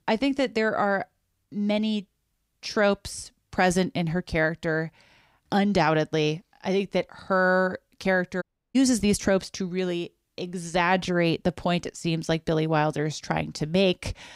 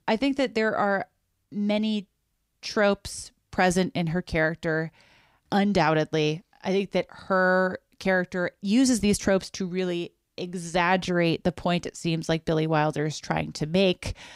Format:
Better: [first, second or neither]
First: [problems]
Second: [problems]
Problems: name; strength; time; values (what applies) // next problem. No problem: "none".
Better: second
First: audio cutting out; at 8.5 s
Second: none